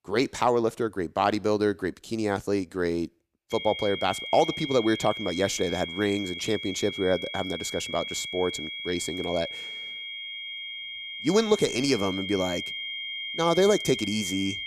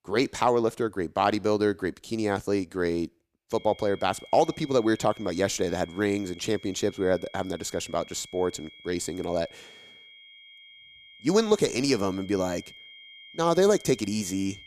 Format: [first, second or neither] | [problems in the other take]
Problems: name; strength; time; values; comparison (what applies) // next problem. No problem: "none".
second | high-pitched whine; loud; from 3.5 s on; 3.5 kHz, 6 dB below the speech; faint in the second